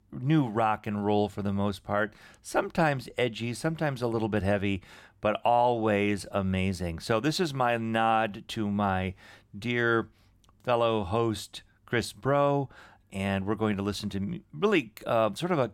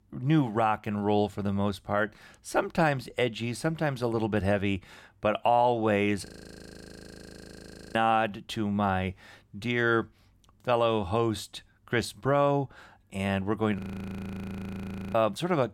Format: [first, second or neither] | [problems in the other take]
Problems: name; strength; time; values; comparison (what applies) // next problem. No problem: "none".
first | audio freezing; at 6.5 s for 1.5 s and at 14 s for 1.5 s